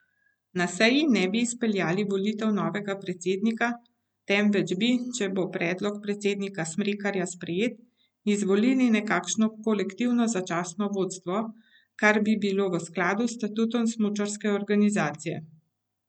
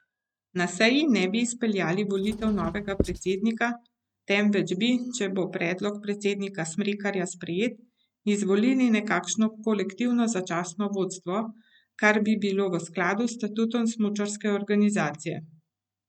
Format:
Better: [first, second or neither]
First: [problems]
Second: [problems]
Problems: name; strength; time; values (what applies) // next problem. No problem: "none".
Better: first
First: none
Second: noise reduction (neural mask model RNNoise)